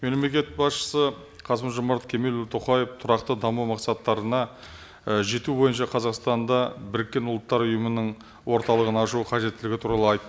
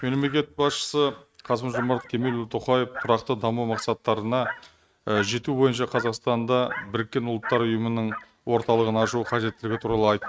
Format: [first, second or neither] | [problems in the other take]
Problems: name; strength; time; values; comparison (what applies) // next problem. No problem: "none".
first | noise reduction (neural mask model RNNoise)